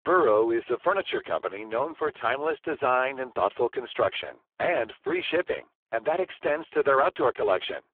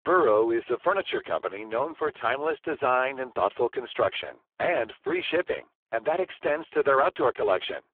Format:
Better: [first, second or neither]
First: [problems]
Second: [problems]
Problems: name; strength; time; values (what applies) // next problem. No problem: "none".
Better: neither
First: phone-call audio; poor line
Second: phone-call audio; poor line